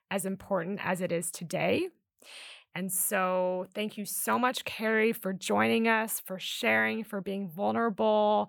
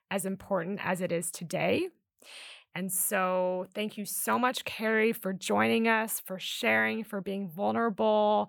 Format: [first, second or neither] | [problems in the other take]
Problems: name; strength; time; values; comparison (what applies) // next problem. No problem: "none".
neither | none